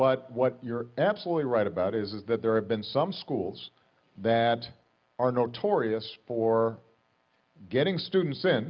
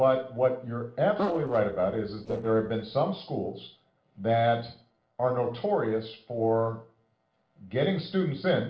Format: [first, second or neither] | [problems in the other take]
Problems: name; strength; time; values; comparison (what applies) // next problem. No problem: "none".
first | noise reduction (neural separator model SepFormer DNS4)